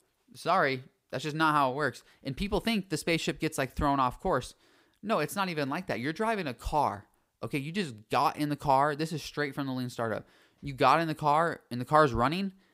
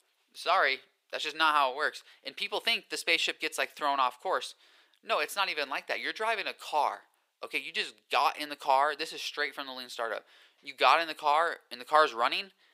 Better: first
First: none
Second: thin; very; fading below 450 Hz

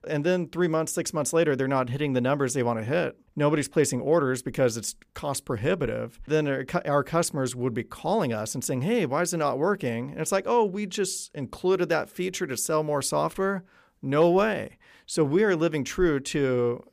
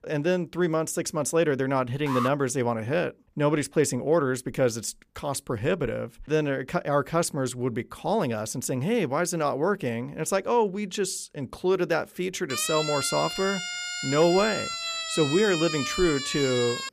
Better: first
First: none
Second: alarm; noticeable; at 2 s; peak 5 dB below the speech // siren; noticeable; from 13 s on; peak 2 dB below the speech

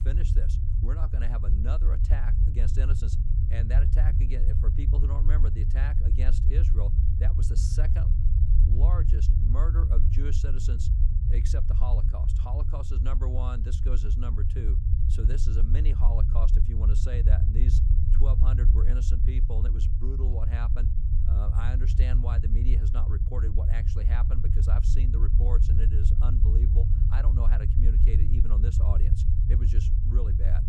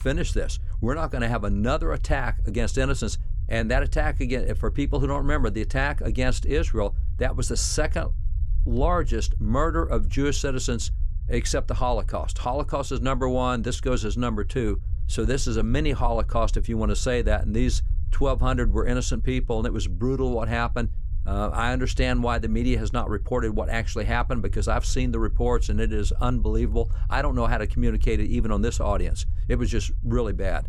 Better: second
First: low rumble; loud; throughout; as loud as the speech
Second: low rumble; faint; throughout; 20 dB below the speech

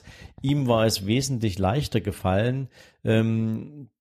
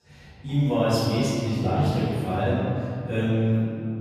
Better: first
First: none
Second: room echo; strong; dies away in 2.5 s // off-mic speech; far

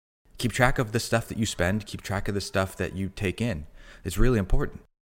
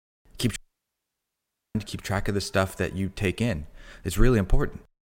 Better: first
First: none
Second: audio cutting out; at 0.5 s for 1 s

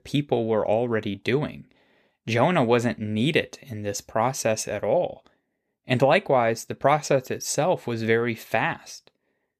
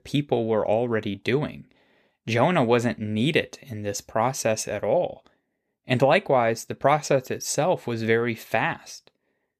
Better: neither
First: none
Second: none

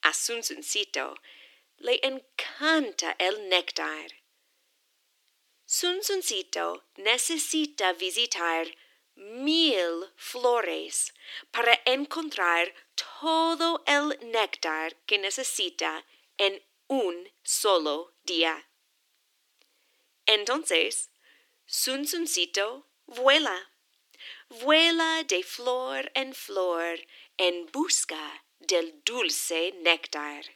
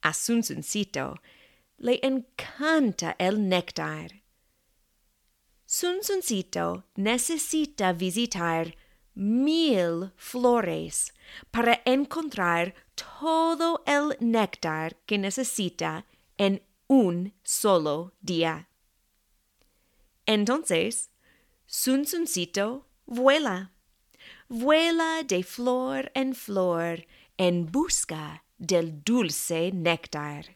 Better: second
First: thin; somewhat; fading below 300 Hz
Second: none

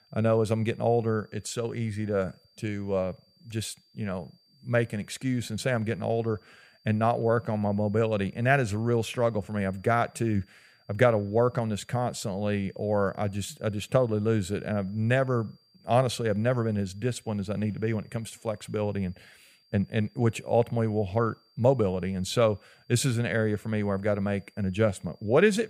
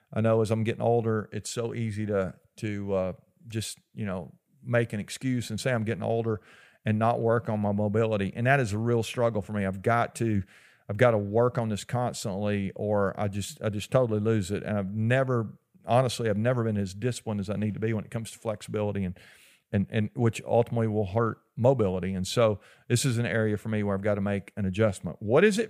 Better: second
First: high-pitched whine; faint; throughout; 4.5 kHz, 35 dB below the speech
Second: none

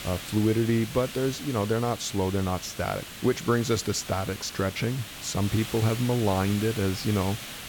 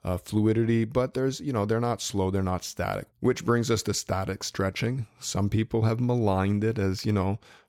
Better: second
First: hiss; noticeable; throughout; 10 dB below the speech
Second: none

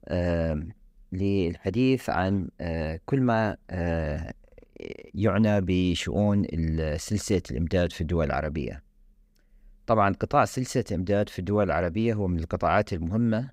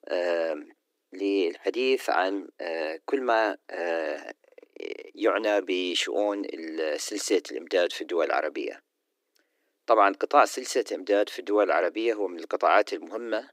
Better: first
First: none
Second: thin; very; fading below 300 Hz

